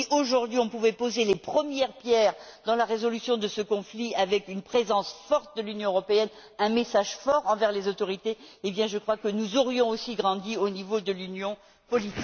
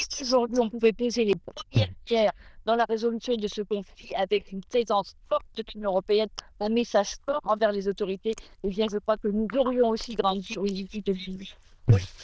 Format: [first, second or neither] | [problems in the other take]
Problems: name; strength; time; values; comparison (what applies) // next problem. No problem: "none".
first | noise reduction (neural diffusion model UNIVERSE++)